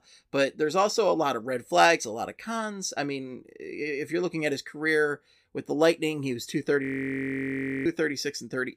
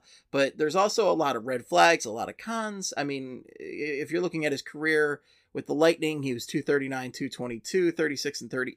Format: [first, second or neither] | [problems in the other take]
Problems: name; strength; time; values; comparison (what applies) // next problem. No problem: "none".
second | audio freezing; at 7 s for 1 s